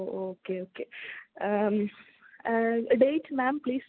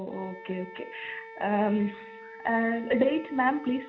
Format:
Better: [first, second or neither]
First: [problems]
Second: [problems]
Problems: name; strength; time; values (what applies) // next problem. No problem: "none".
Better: first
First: none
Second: background sound (Wind instrument, woodwind instrument); 16 dB below the speech // room echo; dies away in 0.5 s